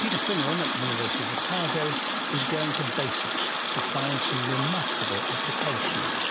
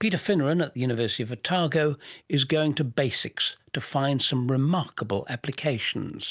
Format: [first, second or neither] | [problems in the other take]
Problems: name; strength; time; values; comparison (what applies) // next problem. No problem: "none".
second | background sound (Water tap, faucet); 4 dB above the speech